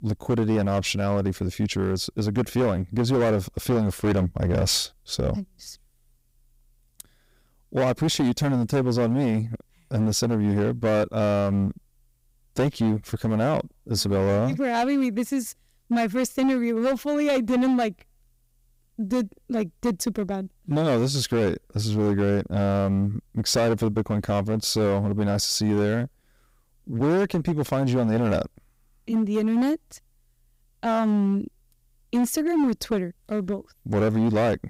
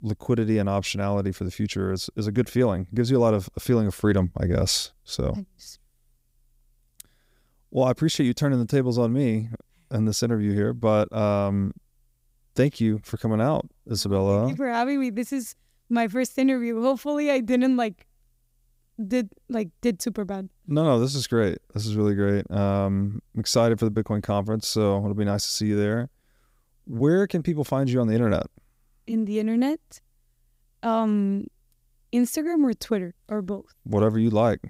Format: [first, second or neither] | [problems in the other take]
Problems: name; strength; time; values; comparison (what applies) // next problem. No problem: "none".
second | distortion; slight; 12% of the sound clipped